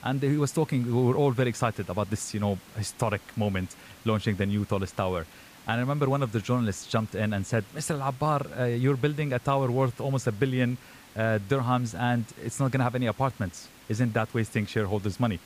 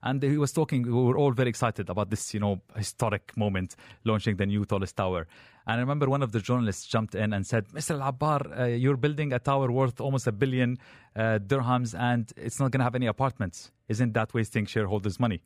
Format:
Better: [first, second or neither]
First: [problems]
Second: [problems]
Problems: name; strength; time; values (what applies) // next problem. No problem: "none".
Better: second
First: hiss; faint; throughout; 20 dB below the speech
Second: none